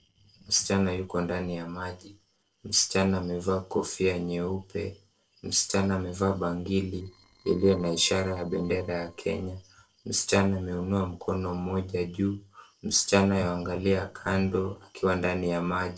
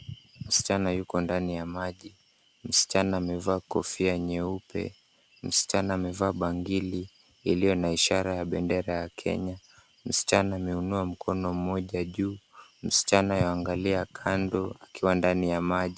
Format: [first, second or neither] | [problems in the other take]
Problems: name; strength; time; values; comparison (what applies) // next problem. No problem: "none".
second | noise reduction (neural separator model SepFormer DNS4)